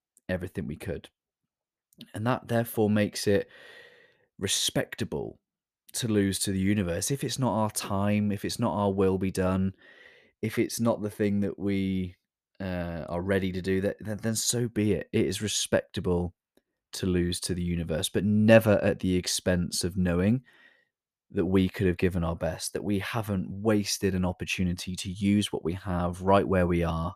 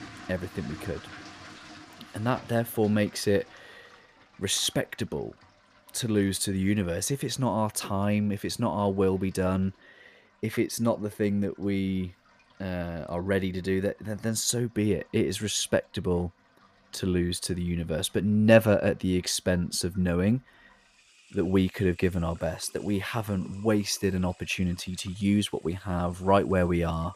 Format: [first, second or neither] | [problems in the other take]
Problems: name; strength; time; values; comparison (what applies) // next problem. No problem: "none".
first | household noises; faint; throughout; 25 dB below the speech